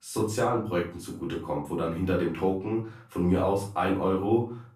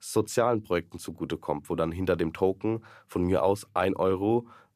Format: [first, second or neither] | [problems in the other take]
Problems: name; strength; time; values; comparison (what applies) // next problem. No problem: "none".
second | off-mic speech; far // room echo; slight; dies away in 0.4 s